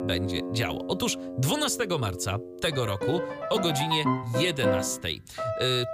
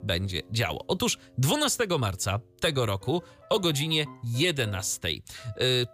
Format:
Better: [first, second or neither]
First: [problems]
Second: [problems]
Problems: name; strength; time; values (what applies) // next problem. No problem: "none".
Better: second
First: background music; loud; throughout; 4 dB below the speech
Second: background music; faint; throughout; 25 dB below the speech